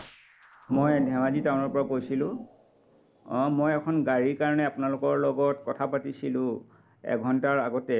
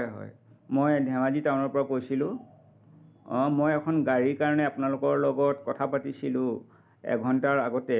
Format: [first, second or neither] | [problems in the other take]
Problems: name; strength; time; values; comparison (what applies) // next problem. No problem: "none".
second | noise reduction (neural mask model Resemble Enhance denoiser)